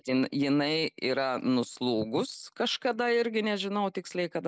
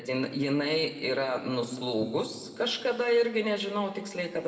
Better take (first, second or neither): first